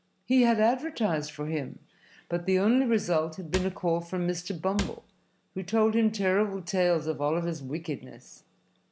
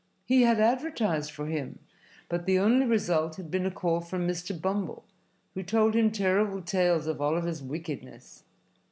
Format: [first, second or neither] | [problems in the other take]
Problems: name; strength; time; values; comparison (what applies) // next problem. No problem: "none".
second | background sound (Cupboard open or close / Drawer open or close); 12 dB below the speech